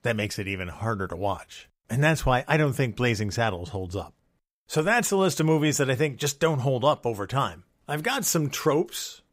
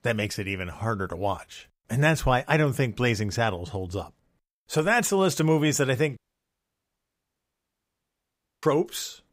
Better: first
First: none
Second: audio cutting out; at 6 s for 2.5 s

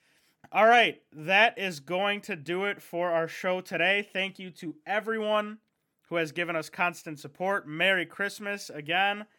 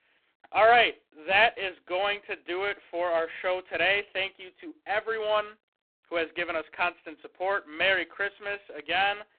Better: first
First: none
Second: phone-call audio; poor line

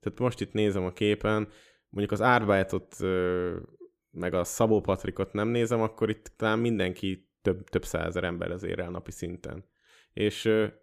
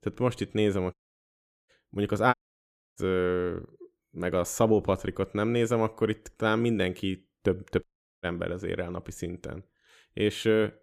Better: first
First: none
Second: audio cutting out; at 1 s for 0.5 s, at 2.5 s for 0.5 s and at 8 s

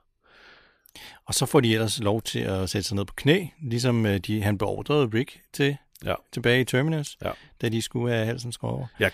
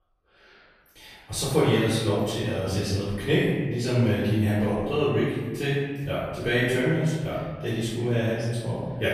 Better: first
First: none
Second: off-mic speech; far // room echo; strong; dies away in 1.3 s

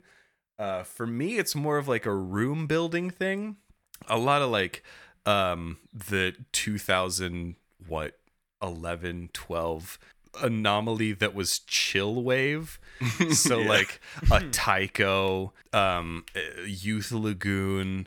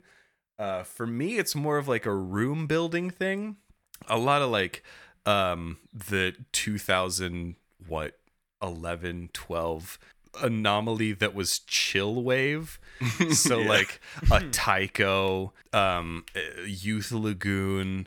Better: neither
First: none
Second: none

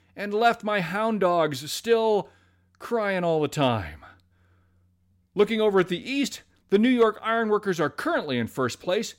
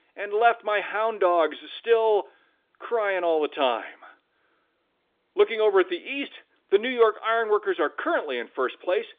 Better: first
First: none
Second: phone-call audio

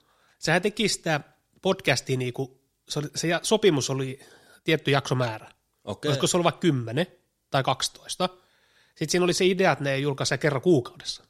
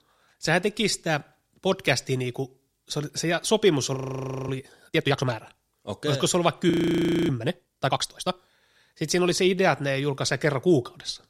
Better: first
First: none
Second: audio freezing; at 4 s for 0.5 s and at 6.5 s for 0.5 s

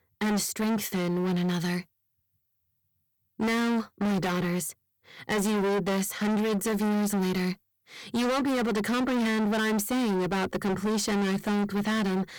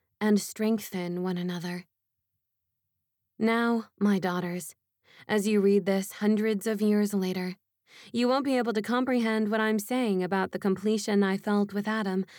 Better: second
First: distortion; heavy; 33% of the sound clipped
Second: none

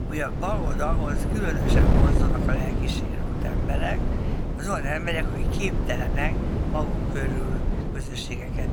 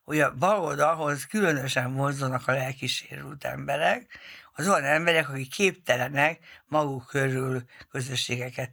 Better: second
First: wind noise on the microphone; heavy; 2 dB below the speech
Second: none

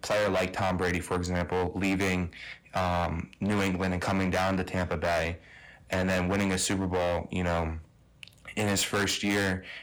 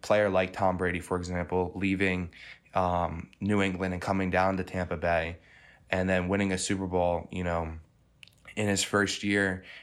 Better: second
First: distortion; heavy; 18% of the sound clipped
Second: none

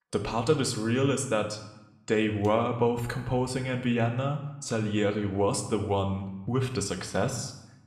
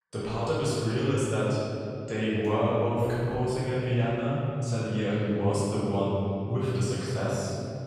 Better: first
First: room echo; slight; dies away in 0.7 s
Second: room echo; strong; dies away in 2.6 s // off-mic speech; far

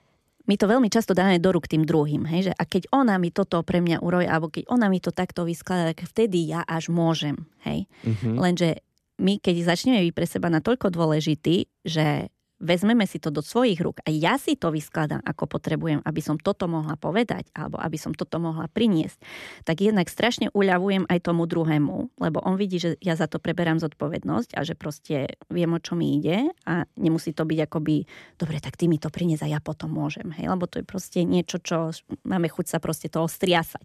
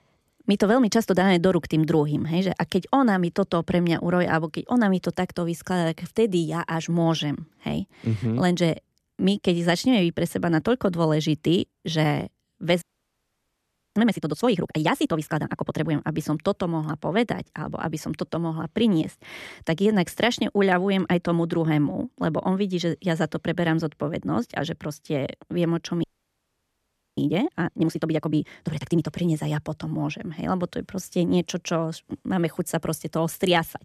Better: first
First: none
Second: audio freezing; at 13 s for 1 s and at 26 s for 1 s

